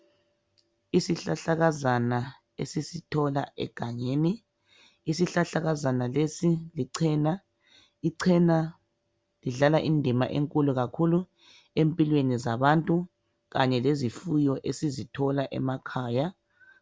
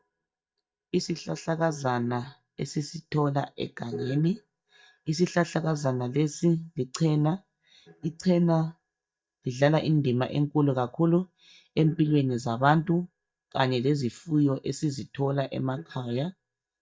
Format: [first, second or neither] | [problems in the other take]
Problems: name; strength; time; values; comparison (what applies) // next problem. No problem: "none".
first | noise reduction (neural mask model DeepFilterNet 3)